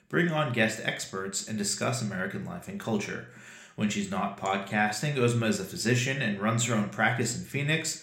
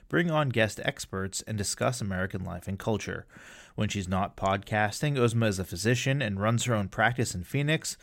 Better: second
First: room echo; very slight; dies away in 0.4 s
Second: none

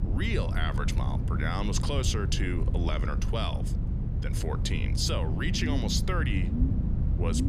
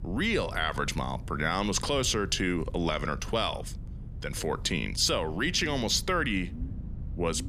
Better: second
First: low rumble; loud; throughout; 8 dB below the speech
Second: low rumble; faint; throughout; 25 dB below the speech

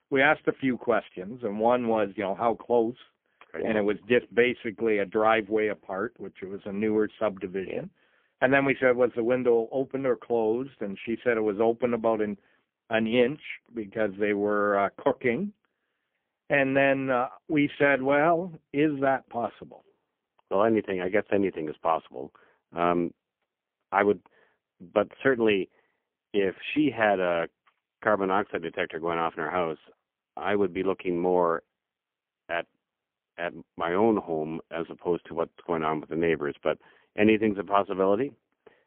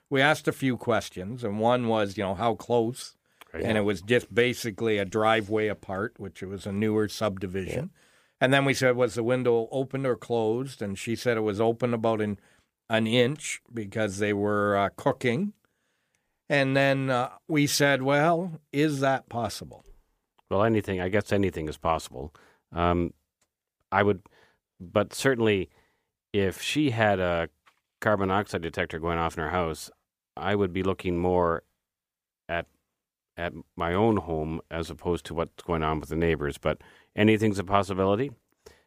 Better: second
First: phone-call audio; poor line; nothing above 3.5 kHz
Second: none

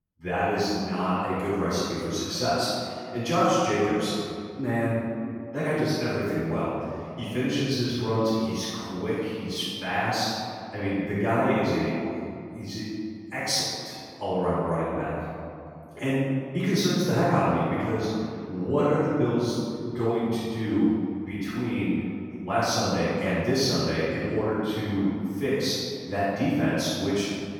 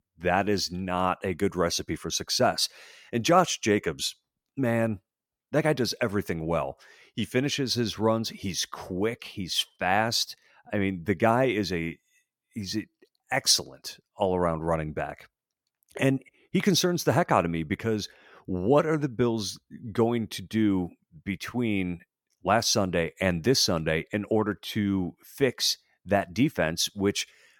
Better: second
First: room echo; strong; dies away in 2.4 s // off-mic speech; far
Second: none

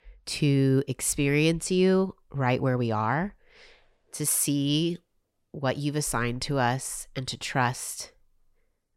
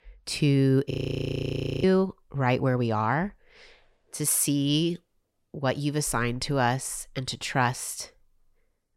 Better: first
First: none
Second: audio freezing; at 1 s for 1 s

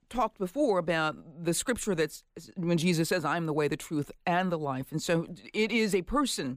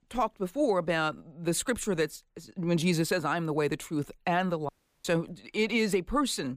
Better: first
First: none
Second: audio cutting out; at 4.5 s

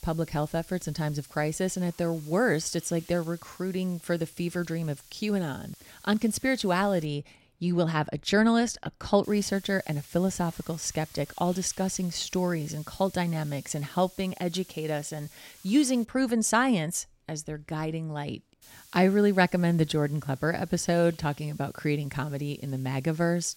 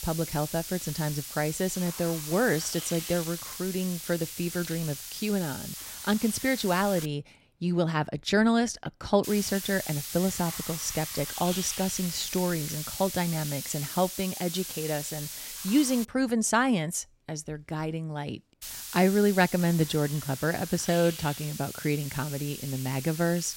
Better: first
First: hiss; faint; until 7 s, from 9 to 16 s and from 19 s on; 20 dB below the speech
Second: hiss; loud; until 7 s, from 9 to 16 s and from 19 s on; 8 dB below the speech

